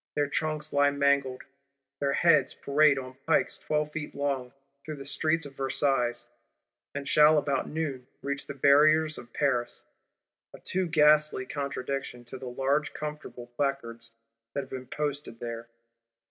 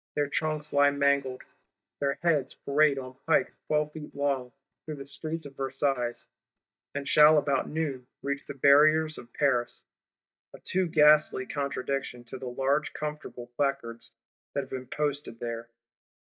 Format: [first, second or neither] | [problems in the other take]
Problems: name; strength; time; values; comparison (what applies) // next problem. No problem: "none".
first | noise reduction (neural mask model DeepFilterNet 3)